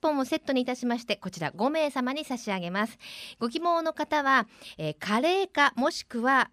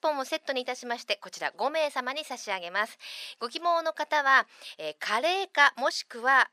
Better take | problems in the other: first | thin; very; fading below 600 Hz

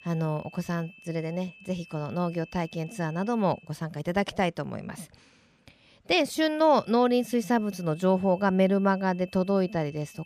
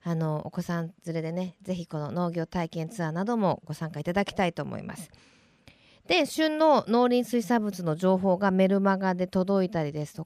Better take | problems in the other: second | high-pitched whine; faint; until 3.5 s and from 6.5 s on; 2.5 kHz, 25 dB below the speech

